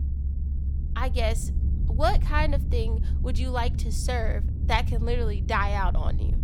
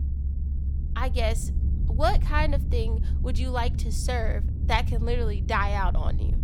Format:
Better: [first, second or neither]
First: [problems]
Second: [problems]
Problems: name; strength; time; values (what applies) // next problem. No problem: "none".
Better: neither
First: low rumble; noticeable; throughout; 15 dB below the speech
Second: low rumble; noticeable; throughout; 15 dB below the speech